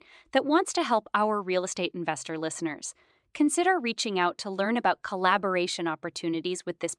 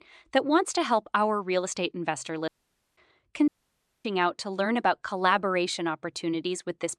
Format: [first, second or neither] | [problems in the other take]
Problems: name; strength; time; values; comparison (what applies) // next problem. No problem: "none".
first | audio cutting out; at 2.5 s and at 3.5 s for 0.5 s